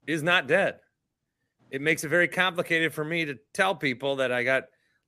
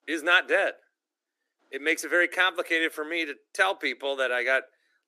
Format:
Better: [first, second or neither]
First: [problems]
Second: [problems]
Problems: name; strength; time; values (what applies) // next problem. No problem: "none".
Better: first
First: none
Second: thin; somewhat; fading below 300 Hz